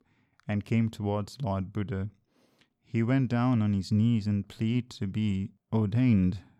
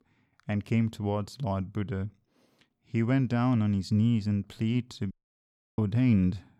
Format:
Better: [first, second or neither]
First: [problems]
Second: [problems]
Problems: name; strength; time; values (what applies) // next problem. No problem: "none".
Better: first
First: none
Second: audio cutting out; at 5 s for 0.5 s